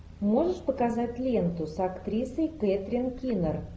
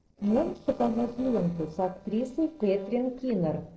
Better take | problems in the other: first | noise reduction (neural separator model SepFormer DNS4)

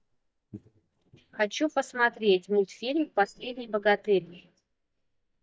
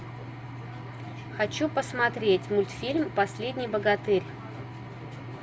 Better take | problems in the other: second | noise reduction (neural mask model DeepFilterNet 3)

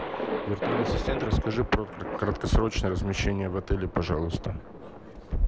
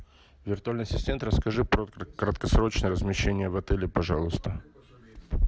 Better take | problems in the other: second | background sound (Thunder); 7 dB below the speech

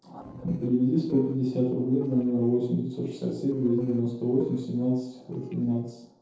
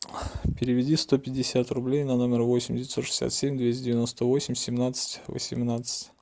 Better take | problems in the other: second | noise reduction (neural separator model SepFormer DNS4)

